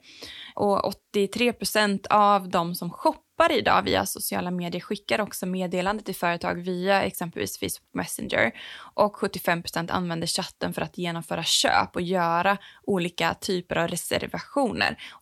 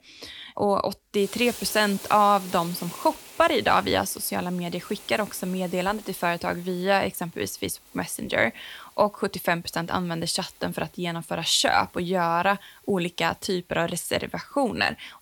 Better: first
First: none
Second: hiss; noticeable; throughout; 20 dB below the speech

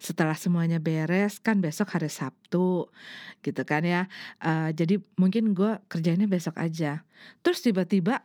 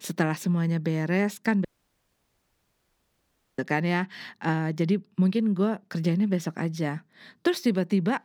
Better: first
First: none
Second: audio cutting out; at 1.5 s for 2 s

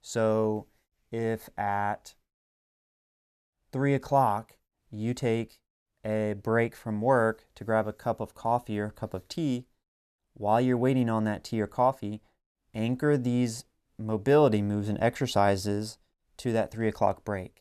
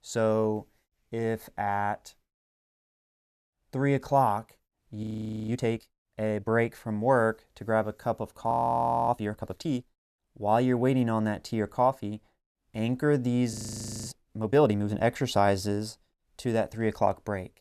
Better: first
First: none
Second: audio freezing; at 5 s, at 8.5 s for 0.5 s and at 14 s for 0.5 s

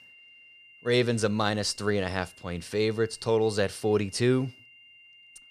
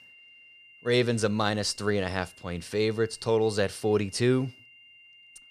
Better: neither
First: high-pitched whine; faint; throughout; 3 kHz, 25 dB below the speech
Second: high-pitched whine; faint; throughout; 3 kHz, 25 dB below the speech

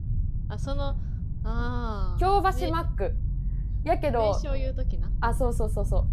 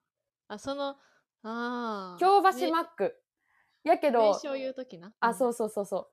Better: second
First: low rumble; noticeable; throughout; 20 dB below the speech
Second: none

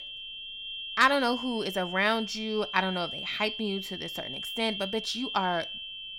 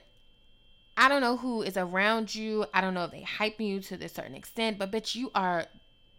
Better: second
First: high-pitched whine; loud; throughout; 3 kHz, 6 dB below the speech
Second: high-pitched whine; faint; throughout; 3 kHz, 35 dB below the speech

